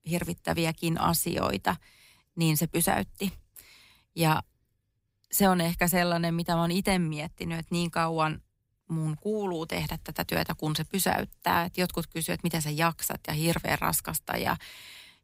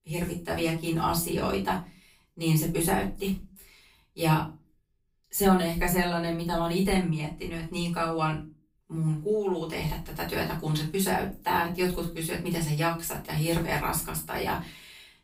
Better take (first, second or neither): first